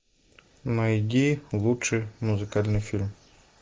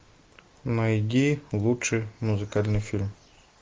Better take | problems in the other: second | noise reduction (neural mask model Resemble Enhance denoiser)

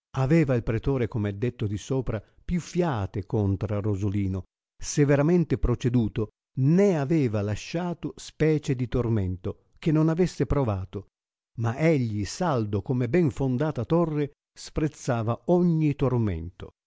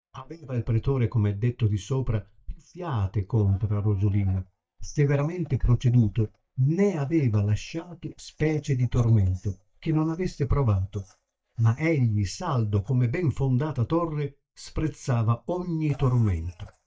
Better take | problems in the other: first | noise reduction (neural mask model DeepFilterNet 3)

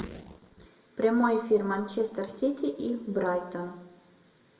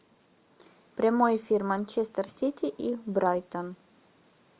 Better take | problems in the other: second | room echo; dies away in 0.9 s

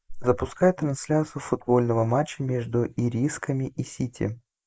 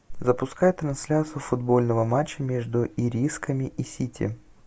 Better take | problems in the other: second | noise reduction (neural mask model Resemble Enhance denoiser)

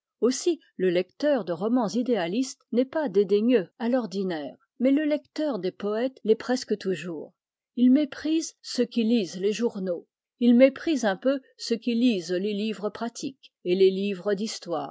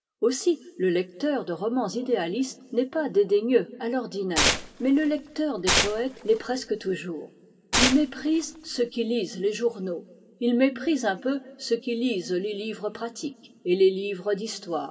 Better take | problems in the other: first | background sound (Tearing); 2 dB below the speech // room echo; dies away in 1.4 s

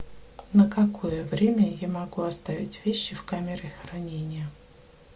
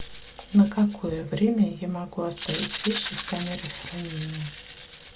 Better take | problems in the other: first | background sound (Rattle (instrument)); 12 dB below the speech

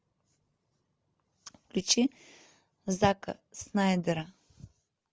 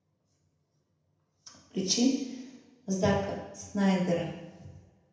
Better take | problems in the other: first | room echo; dies away in 0.8 s

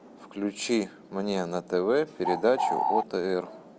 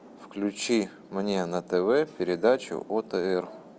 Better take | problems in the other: second | background sound (Bird); 1 dB above the speech

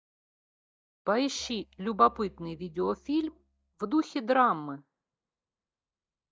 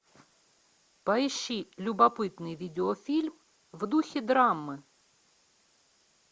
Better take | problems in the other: second | noise reduction (neural mask model DeepFilterNet 3)

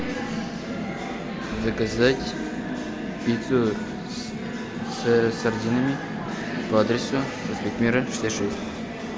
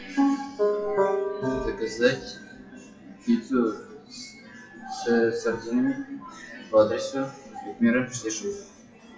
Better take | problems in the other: first | noise reduction (classical method WPE with log-MMSE)

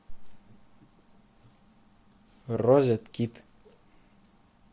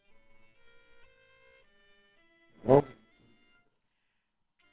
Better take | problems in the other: first | noise reduction (neural separator model SepFormer WHAMR!)

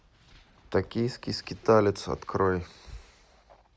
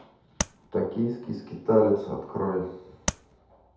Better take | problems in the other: first | background sound (Tap); 3 dB below the speech // room echo; dies away in 0.8 s

